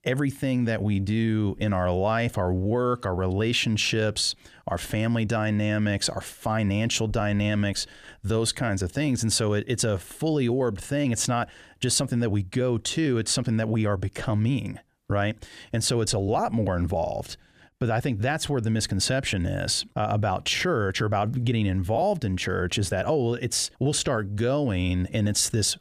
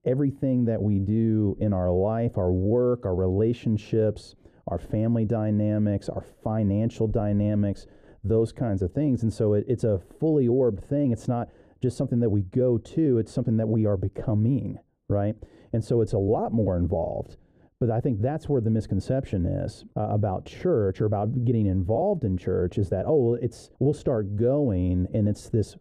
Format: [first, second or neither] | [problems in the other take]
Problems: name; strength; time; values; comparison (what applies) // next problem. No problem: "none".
first | muffled; very; fading above 1 kHz